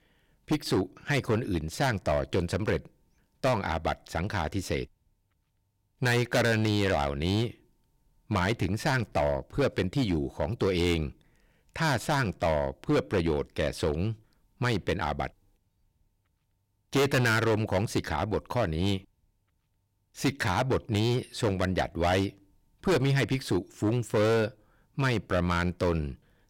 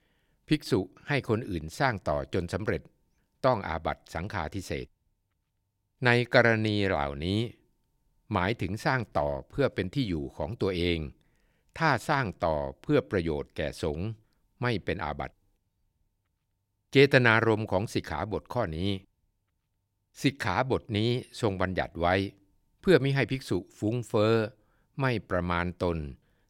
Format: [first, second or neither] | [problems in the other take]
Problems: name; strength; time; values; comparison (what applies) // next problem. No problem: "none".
second | distortion; heavy; 9% of the sound clipped